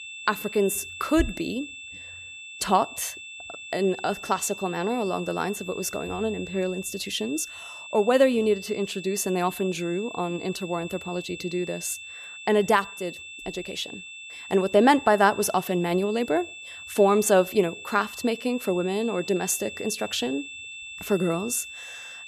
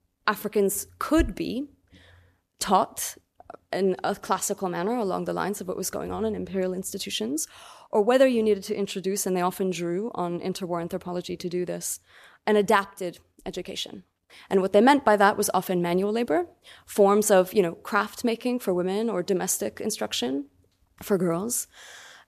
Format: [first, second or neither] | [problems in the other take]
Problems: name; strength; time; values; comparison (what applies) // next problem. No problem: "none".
second | high-pitched whine; noticeable; throughout; 2.5 kHz, 10 dB below the speech